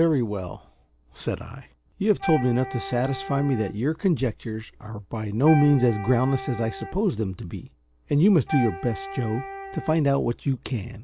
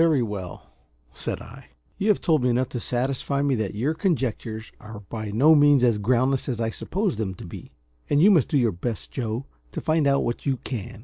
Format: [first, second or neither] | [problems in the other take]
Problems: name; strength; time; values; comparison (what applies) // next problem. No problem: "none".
second | background sound (Wind instrument, woodwind instrument); 11 dB below the speech